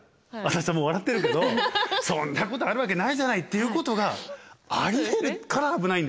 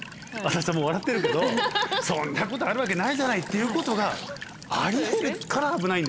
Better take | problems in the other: first | background sound (Walk, footsteps / Stream / Trickle, dribble / Chirp, tweet); 12 dB below the speech

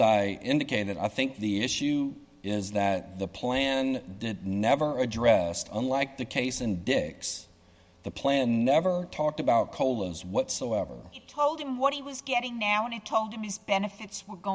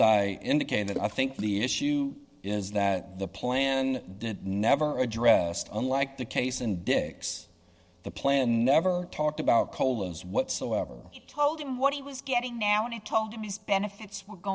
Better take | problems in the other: first | noise reduction (neural separator model SepFormer DNS4)

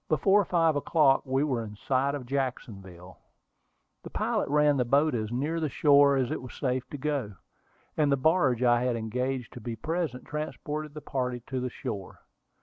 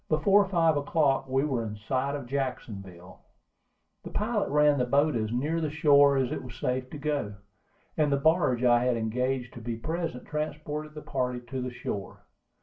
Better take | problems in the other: first | room echo; dies away in 0.2 s

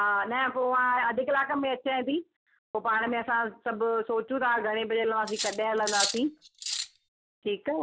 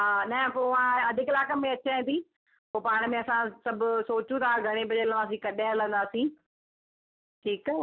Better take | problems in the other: second | background sound (Cutlery, silverware); 6 dB below the speech

